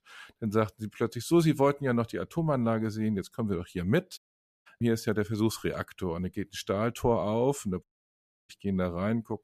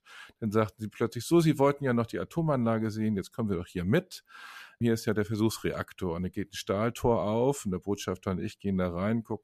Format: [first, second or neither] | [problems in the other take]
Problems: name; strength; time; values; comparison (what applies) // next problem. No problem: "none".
second | audio cutting out; at 4 s and at 8 s for 0.5 s